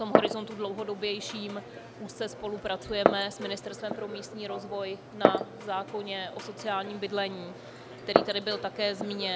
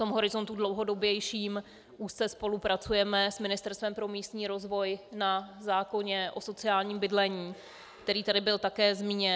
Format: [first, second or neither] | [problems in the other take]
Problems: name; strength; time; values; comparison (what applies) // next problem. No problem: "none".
second | background sound (Glass); 2 dB above the speech